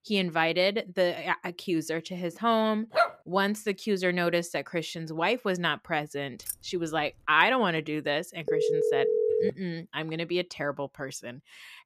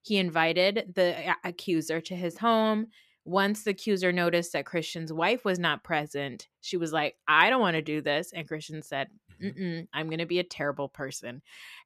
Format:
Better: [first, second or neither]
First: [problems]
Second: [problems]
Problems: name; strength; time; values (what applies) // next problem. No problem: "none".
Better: second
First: dog barking; loud; at 3 s; peak 2 dB above the speech // jangling keys; noticeable; at 6.5 s; peak 8 dB below the speech // phone ringing; loud; from 8.5 to 9.5 s; peak 3 dB above the speech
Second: none